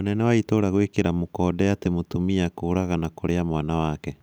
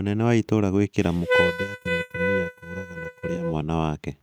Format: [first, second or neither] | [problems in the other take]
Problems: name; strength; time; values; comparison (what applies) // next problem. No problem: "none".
first | noise reduction (neural mask model RNNoise)